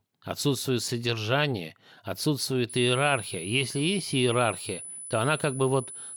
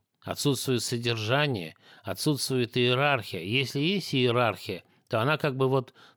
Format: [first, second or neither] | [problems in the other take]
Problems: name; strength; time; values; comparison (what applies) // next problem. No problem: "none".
second | high-pitched whine; noticeable; from 2.5 s on; 10 kHz, 10 dB below the speech